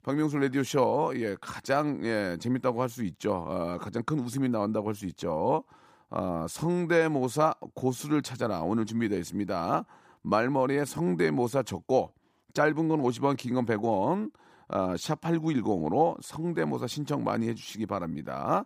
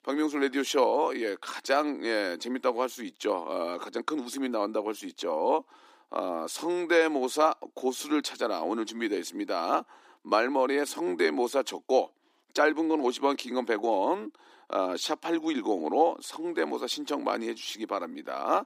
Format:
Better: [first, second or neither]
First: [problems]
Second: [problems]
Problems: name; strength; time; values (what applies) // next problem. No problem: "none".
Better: first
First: none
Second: thin; very slightly; fading below 300 Hz